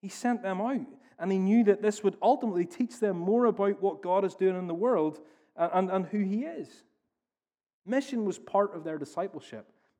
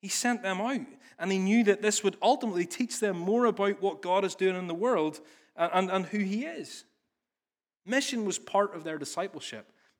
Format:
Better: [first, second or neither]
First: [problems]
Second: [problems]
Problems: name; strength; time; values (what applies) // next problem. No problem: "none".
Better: second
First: muffled; slightly; fading above 1.5 kHz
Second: none